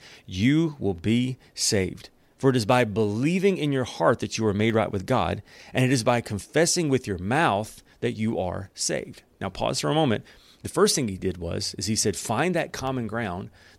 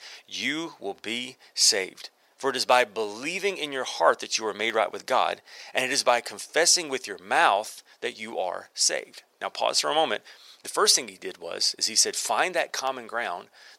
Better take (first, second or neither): first